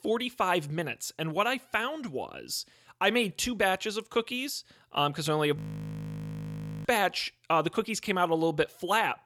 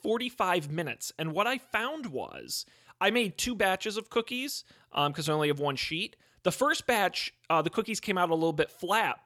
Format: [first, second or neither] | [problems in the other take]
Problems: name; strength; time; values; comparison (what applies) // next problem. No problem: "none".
second | audio freezing; at 5.5 s for 1.5 s